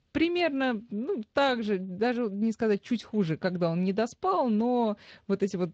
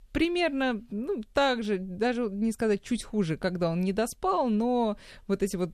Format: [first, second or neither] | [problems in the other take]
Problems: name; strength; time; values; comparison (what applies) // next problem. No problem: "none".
second | garbled, watery; slightly; nothing above 7.5 kHz